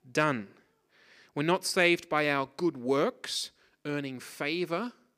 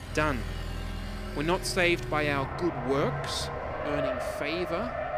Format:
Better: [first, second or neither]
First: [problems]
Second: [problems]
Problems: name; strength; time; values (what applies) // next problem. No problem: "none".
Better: first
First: none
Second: traffic noise; loud; throughout; 4 dB below the speech